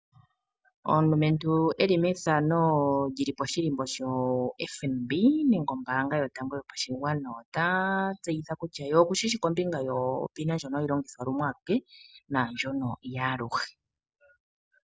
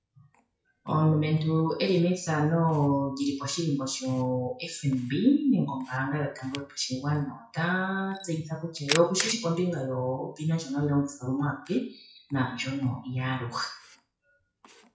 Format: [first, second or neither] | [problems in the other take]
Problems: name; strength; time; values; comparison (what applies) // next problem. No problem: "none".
first | noise reduction (classical method WPE with log-MMSE)